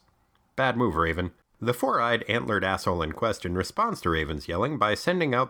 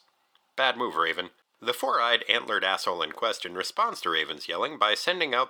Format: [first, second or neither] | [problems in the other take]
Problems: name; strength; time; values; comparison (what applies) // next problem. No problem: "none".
first | thin; somewhat; fading below 500 Hz